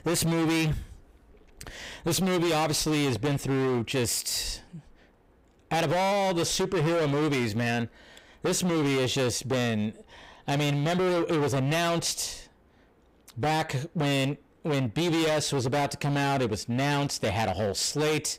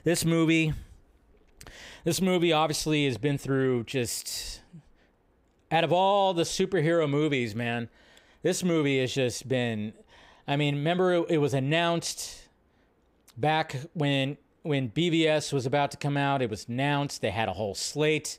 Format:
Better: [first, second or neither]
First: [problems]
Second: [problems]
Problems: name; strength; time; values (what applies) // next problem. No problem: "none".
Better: second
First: distortion; heavy; 26% of the sound clipped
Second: none